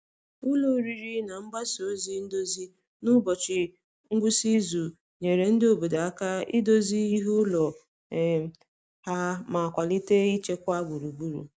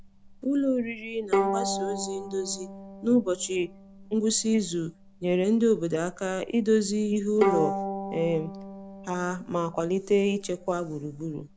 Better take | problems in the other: first | background sound (Bowed string instrument); 7 dB below the speech

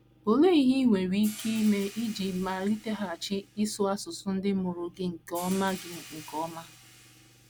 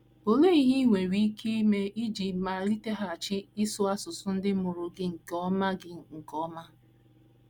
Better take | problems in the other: second | background sound (Hi-hat); 20 dB below the speech

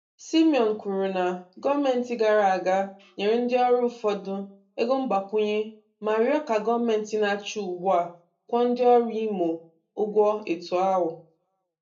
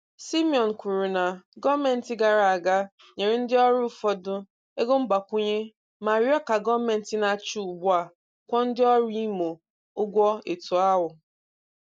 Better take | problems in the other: second | room echo; dies away in 0.3 s

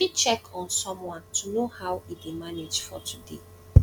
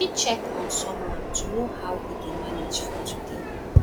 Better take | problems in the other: first | background sound (Subway, metro, underground); 4 dB below the speech

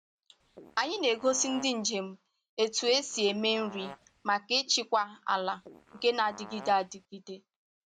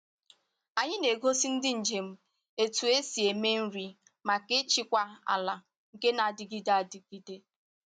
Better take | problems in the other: second | background sound (Fart); 19 dB below the speech

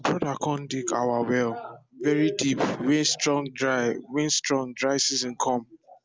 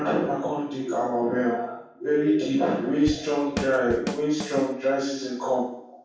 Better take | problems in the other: first | background sound (Drum / Drum kit); 8 dB below the speech // room echo; dies away in 0.7 s

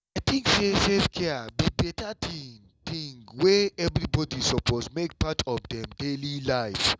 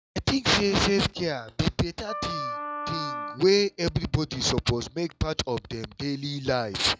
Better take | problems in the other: first | noise reduction (classical method log-MMSE)

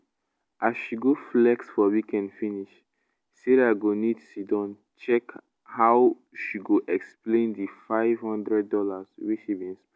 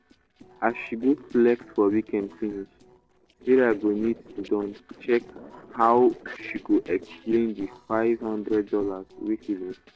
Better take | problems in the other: first | noise reduction (neural separator model SepFormer DNS4)

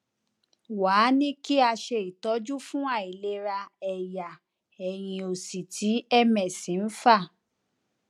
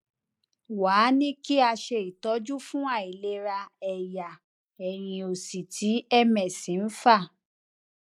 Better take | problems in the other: first | noise reduction (neural mask model Resemble Enhance denoiser)

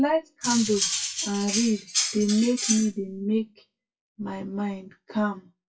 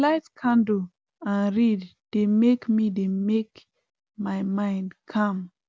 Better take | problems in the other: second | noise reduction (classical method WPE with log-MMSE)

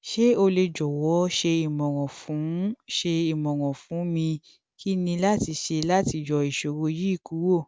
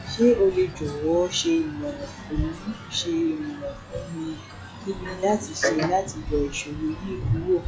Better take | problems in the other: first | noise reduction (classical method log-MMSE)

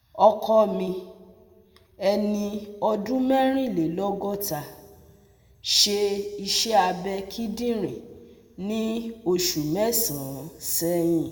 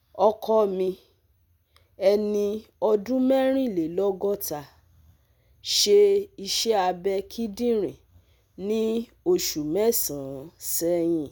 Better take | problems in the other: second | room echo; dies away in 1.2 s

